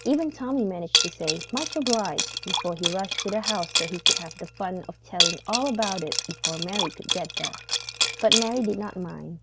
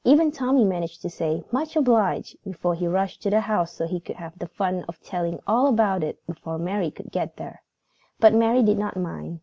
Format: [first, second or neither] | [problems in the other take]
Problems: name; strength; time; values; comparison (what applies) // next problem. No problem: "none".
second | background sound (Liquid); 1 dB above the speech